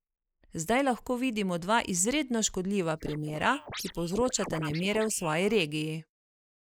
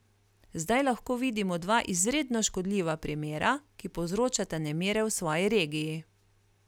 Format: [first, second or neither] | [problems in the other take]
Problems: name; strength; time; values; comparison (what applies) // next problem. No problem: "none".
second | noise reduction (neural mask model Resemble Enhance denoiser)